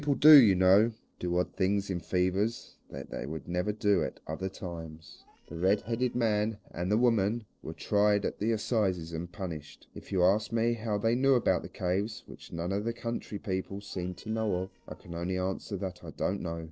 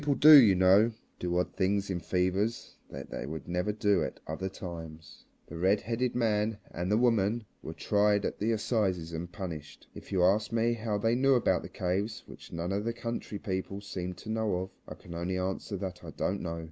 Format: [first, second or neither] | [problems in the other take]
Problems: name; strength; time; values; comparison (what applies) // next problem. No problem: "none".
second | noise reduction (neural separator model SepFormer DNS4)